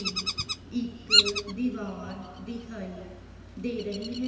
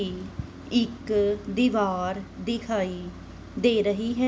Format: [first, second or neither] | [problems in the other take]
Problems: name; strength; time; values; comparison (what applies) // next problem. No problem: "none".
second | background sound (Bird vocalization, bird call, bird song); 3 dB above the speech // room echo; dies away in 2.5 s